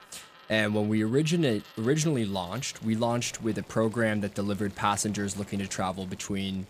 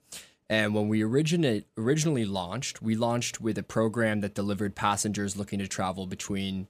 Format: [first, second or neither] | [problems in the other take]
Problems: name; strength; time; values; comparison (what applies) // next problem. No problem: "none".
second | household noises; faint; throughout; 20 dB below the speech